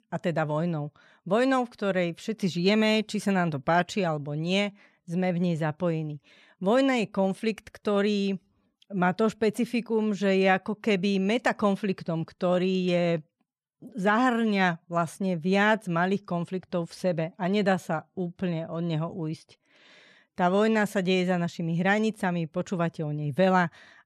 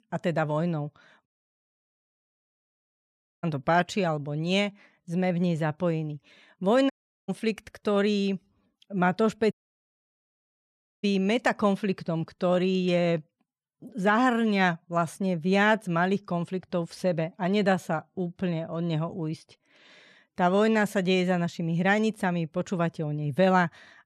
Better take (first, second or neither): first